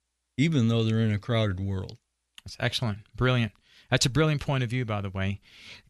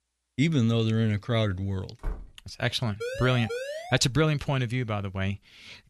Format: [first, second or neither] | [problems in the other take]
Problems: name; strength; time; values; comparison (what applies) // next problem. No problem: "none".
first | door banging; faint; at 2 s; peak 15 dB below the speech // siren; noticeable; at 3 s; peak 7 dB below the speech